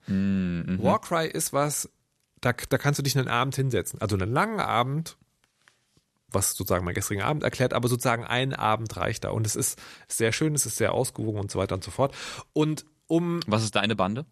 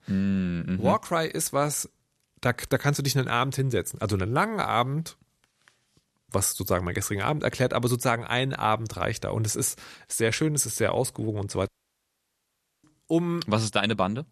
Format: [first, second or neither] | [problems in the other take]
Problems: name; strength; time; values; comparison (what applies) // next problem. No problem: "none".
first | audio cutting out; at 12 s for 1 s